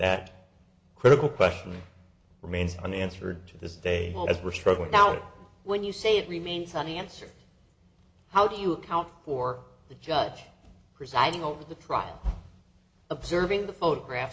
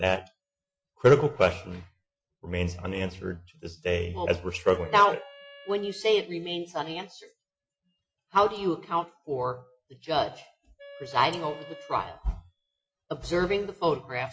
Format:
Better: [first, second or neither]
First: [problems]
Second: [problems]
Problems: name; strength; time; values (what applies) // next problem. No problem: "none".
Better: first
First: none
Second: noise reduction (classical method Wiener filter)